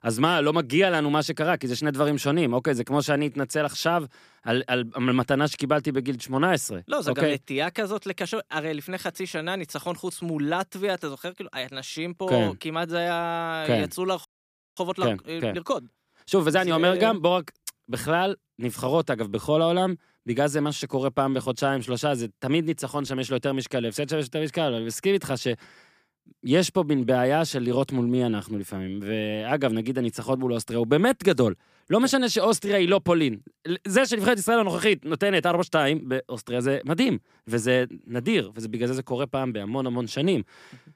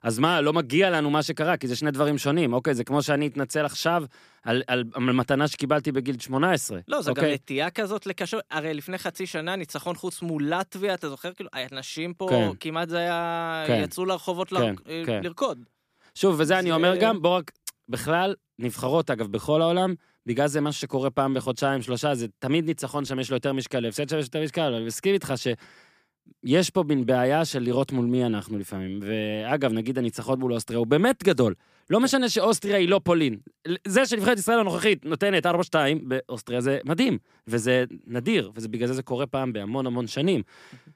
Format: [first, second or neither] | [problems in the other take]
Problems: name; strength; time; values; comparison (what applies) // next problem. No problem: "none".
second | audio freezing; at 14 s for 0.5 s